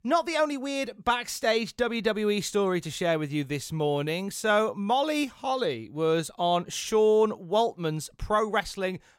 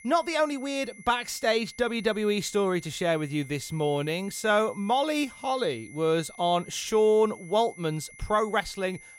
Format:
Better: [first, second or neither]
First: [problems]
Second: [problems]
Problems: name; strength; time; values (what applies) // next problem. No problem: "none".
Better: first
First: none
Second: high-pitched whine; faint; throughout; 2 kHz, 20 dB below the speech